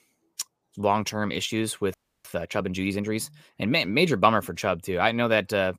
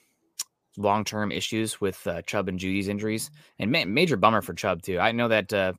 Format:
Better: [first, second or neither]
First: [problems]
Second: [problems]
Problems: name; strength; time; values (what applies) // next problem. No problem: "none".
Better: second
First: audio freezing; at 2 s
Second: none